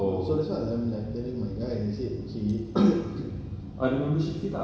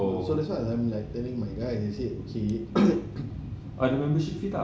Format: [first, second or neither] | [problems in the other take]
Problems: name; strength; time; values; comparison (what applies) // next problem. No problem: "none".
second | room echo; dies away in 1.9 s